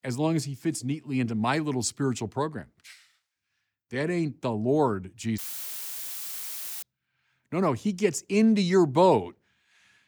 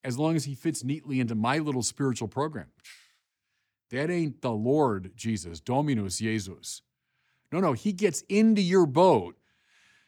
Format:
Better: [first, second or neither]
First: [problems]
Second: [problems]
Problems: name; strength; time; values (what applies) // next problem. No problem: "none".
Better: second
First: audio cutting out; filled with static; at 5.5 s for 1.5 s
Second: none